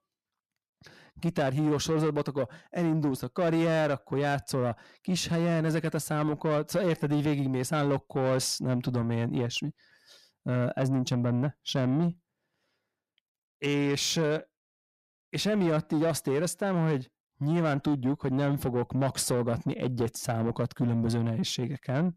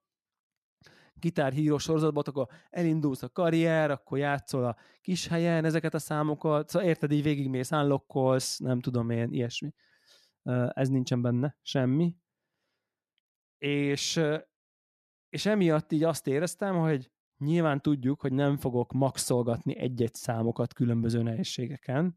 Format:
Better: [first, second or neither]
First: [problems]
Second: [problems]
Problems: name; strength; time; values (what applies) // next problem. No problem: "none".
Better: second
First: distortion; slight; 10 dB below the speech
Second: none